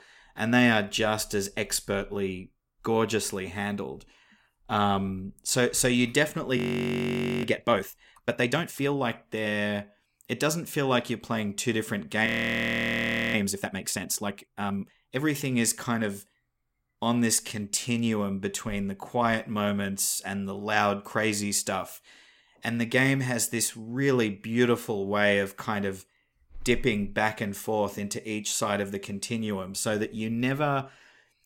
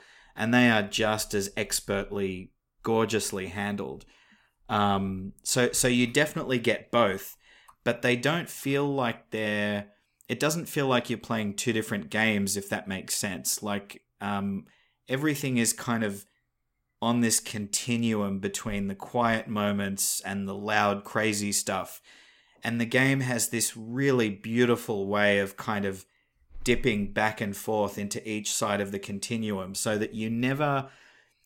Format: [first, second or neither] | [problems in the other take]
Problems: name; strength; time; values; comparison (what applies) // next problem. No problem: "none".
second | audio freezing; at 6.5 s for 1 s and at 12 s for 1 s